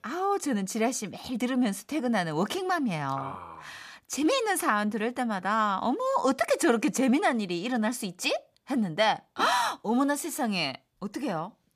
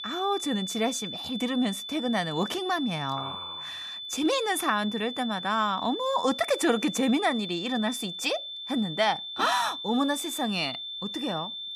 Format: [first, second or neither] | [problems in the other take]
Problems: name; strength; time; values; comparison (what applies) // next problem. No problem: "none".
first | high-pitched whine; loud; throughout; 3.5 kHz, 7 dB below the speech